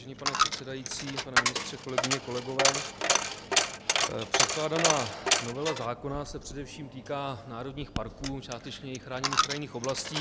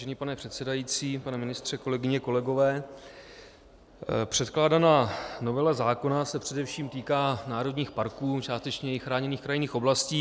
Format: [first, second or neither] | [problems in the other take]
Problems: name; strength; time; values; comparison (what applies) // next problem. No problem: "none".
second | background sound (Coin (dropping)); 5 dB above the speech